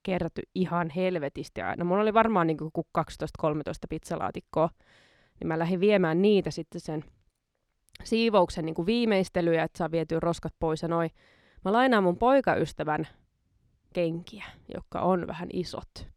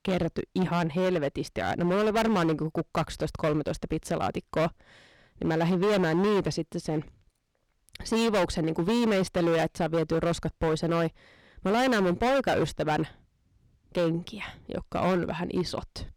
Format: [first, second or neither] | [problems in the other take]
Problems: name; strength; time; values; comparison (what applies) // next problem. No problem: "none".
first | distortion; heavy; 15% of the sound clipped